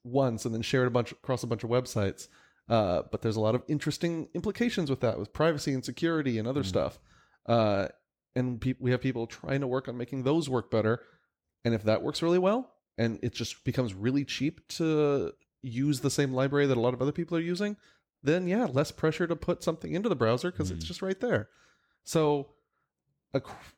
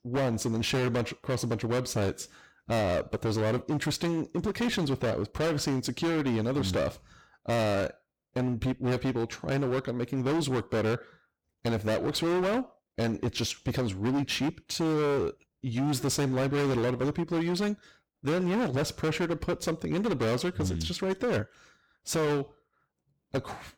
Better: first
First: none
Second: distortion; heavy; 23% of the sound clipped

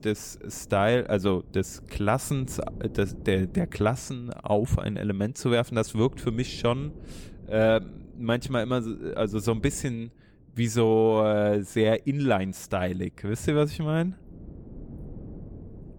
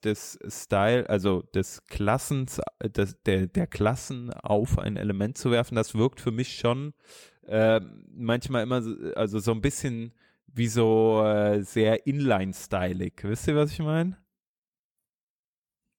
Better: second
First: wind noise on the microphone; occasional gusts; 25 dB below the speech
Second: none

